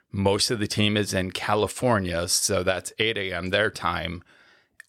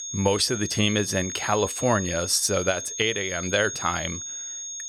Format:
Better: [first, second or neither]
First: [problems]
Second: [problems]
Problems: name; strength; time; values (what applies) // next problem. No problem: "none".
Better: first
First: none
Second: high-pitched whine; loud; throughout; 6.5 kHz, 7 dB below the speech